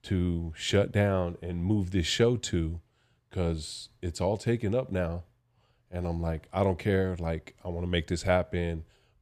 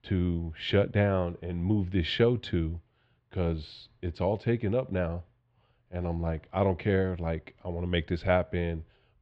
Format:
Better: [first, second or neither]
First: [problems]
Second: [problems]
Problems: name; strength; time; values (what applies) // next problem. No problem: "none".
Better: first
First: none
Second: muffled; slightly; fading above 3.5 kHz